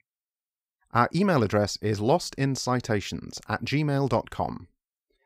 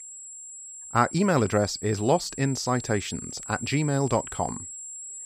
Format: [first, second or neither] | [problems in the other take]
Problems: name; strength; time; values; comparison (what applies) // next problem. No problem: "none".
first | high-pitched whine; noticeable; throughout; 7.5 kHz, 10 dB below the speech